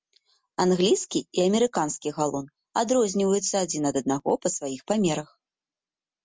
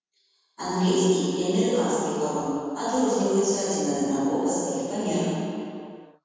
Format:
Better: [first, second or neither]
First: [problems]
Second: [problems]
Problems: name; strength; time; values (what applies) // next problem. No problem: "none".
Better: first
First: none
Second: room echo; dies away in 2.1 s